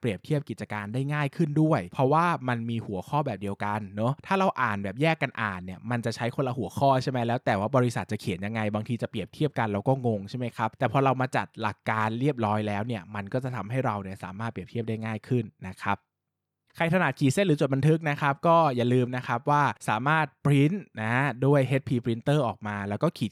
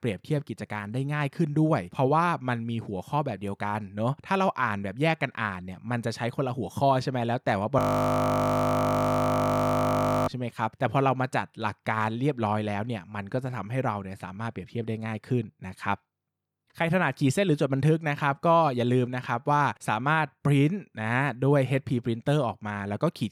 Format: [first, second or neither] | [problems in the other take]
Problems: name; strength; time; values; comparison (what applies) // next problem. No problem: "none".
first | audio freezing; at 8 s for 2.5 s